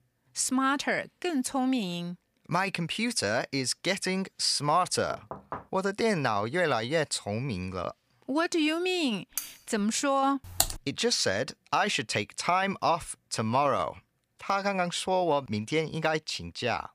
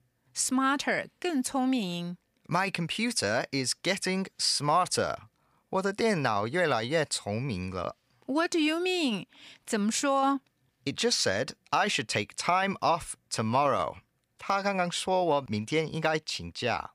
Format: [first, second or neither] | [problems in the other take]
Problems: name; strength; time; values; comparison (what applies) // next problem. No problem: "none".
second | door banging; faint; at 5 s; peak 10 dB below the speech // clattering dishes; noticeable; at 9.5 s; peak 7 dB below the speech // keyboard typing; loud; at 11 s; peak 1 dB above the speech